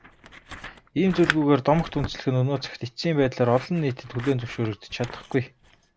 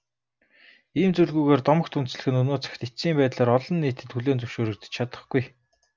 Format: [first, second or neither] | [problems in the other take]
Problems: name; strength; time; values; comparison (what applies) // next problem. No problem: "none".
second | background sound (Scissors); 13 dB below the speech